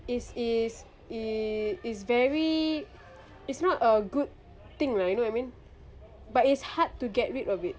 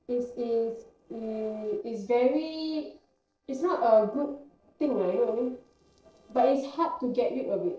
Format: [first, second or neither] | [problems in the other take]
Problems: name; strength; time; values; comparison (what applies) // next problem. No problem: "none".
first | noise reduction (neural separator model SepFormer DNS4)